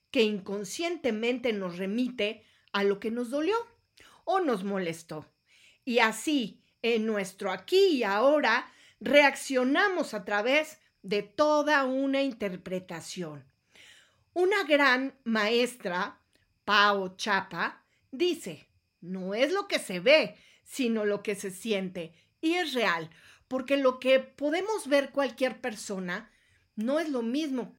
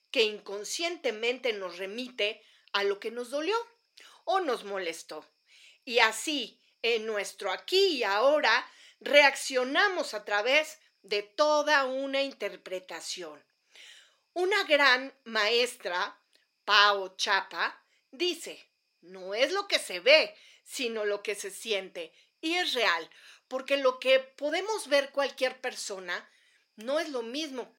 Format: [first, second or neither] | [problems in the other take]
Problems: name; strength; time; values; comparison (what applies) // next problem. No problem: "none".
first | thin; somewhat; fading below 400 Hz